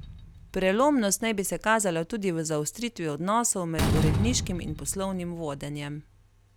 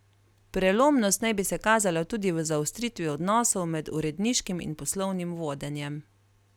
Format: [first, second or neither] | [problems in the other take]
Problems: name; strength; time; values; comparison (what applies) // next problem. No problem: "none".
second | background sound (Slam); 6 dB below the speech